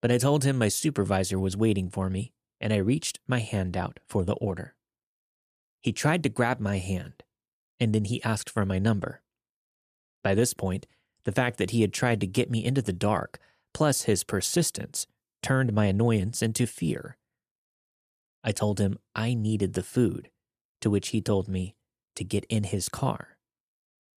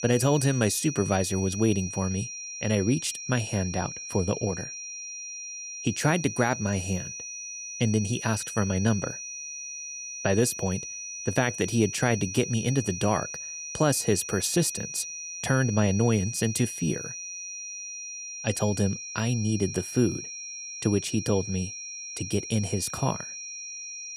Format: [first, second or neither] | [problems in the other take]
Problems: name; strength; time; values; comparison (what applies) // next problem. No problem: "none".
first | high-pitched whine; loud; throughout; 6 kHz, 8 dB below the speech